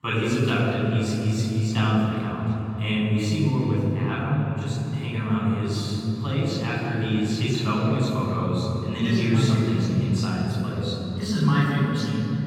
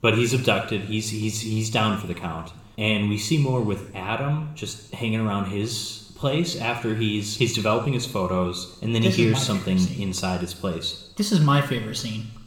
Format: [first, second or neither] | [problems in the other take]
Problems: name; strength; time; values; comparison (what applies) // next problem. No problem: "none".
second | room echo; strong; dies away in 3 s; slight in the second // off-mic speech; far